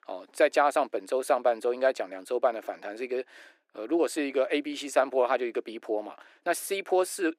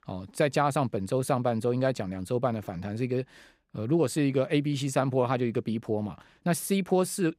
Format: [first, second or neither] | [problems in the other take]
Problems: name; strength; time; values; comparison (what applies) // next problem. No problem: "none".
second | thin; very; fading below 300 Hz